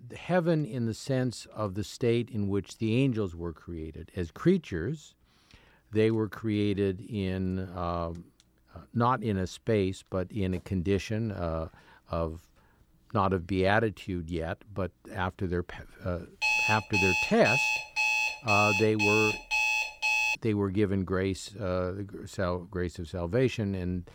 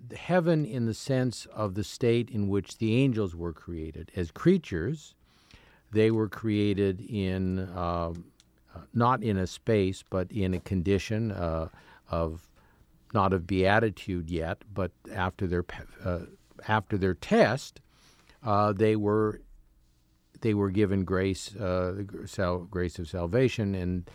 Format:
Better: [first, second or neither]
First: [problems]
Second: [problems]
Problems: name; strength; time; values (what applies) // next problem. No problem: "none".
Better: second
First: alarm; loud; from 16 to 20 s; peak 6 dB above the speech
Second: none